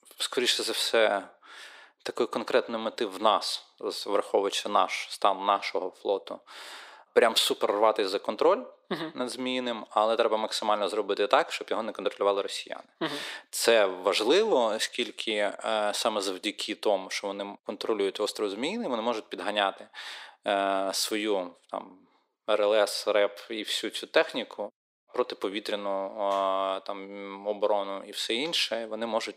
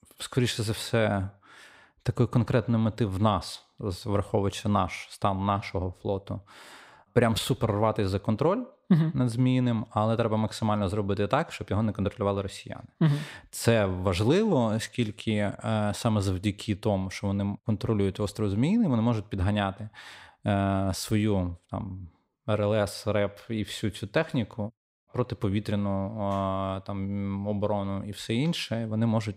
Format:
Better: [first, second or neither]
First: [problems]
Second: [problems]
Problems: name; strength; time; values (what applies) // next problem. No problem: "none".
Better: second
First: thin; very; fading below 350 Hz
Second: none